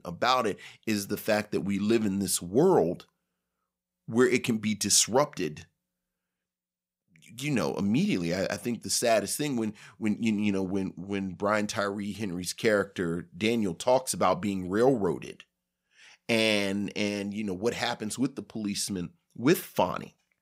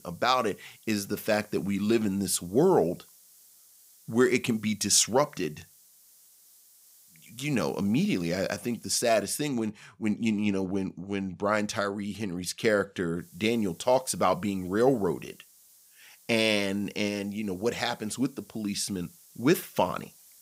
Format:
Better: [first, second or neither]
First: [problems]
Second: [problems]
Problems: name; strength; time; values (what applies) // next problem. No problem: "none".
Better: first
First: none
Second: hiss; faint; until 9.5 s and from 13 s on; 25 dB below the speech